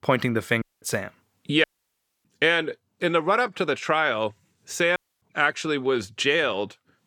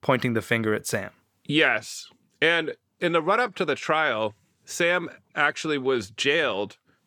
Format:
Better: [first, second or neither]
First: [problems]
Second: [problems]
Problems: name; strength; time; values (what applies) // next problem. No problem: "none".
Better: second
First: audio cutting out; at 0.5 s, at 1.5 s for 0.5 s and at 5 s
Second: none